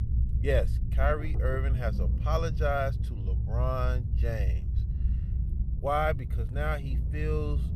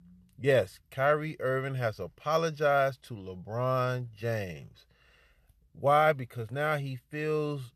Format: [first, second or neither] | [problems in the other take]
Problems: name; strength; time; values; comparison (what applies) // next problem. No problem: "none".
second | low rumble; noticeable; throughout; 15 dB below the speech